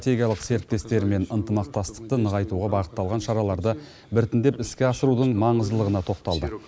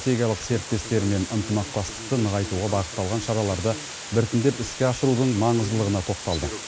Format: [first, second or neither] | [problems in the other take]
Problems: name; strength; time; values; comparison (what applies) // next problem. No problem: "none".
first | background sound (Water); 12 dB below the speech